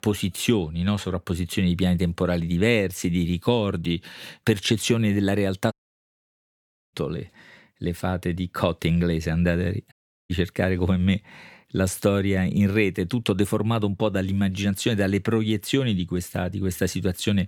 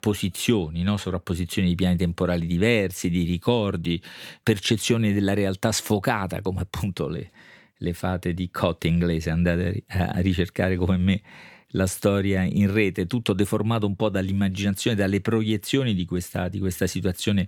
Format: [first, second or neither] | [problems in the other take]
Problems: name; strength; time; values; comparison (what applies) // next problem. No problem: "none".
second | audio cutting out; at 5.5 s for 1 s and at 10 s